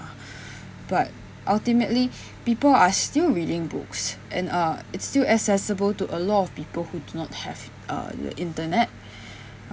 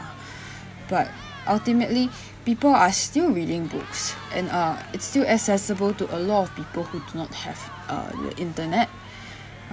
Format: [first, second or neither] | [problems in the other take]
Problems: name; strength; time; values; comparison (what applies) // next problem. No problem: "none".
first | background sound (Cheering); 18 dB below the speech